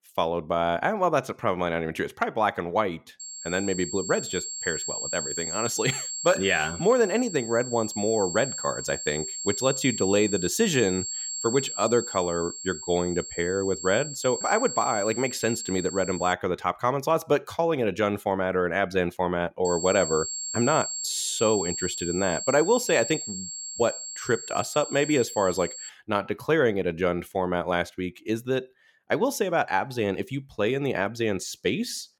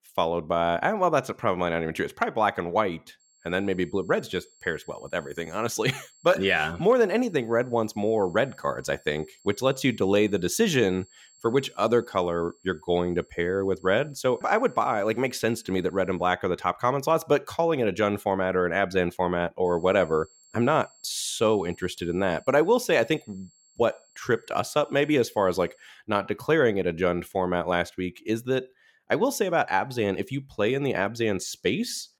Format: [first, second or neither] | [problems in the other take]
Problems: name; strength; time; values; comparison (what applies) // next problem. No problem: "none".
second | high-pitched whine; loud; from 3 to 16 s and from 20 to 26 s; 7.5 kHz, 6 dB below the speech; faint in the second